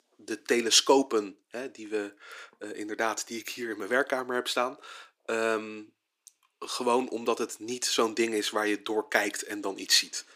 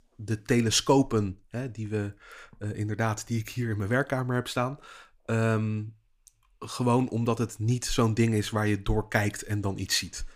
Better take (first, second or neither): second